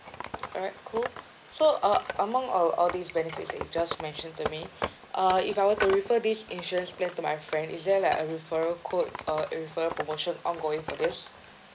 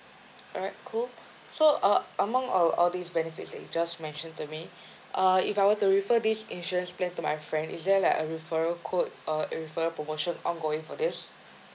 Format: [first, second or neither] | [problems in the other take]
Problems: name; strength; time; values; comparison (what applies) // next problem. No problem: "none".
second | background sound (Wood); 11 dB below the speech